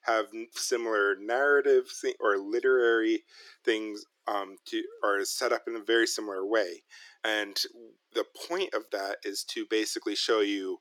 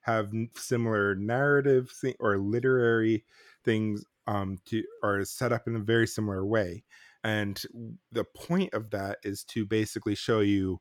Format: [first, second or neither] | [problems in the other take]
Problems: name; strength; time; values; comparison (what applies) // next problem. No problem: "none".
second | thin; very; fading below 350 Hz